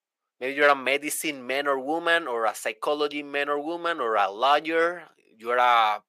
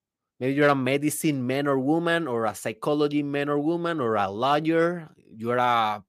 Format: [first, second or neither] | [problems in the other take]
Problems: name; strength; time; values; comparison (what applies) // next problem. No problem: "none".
second | thin; somewhat; fading below 600 Hz